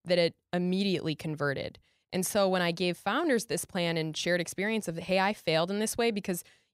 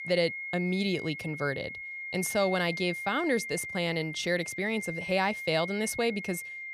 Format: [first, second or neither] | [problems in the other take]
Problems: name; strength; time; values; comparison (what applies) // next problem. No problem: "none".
first | high-pitched whine; loud; throughout; 2 kHz, 6 dB below the speech